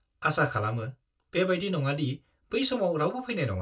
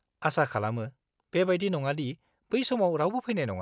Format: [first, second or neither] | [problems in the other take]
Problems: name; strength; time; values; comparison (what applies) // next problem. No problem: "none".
second | room echo; dies away in 0.2 s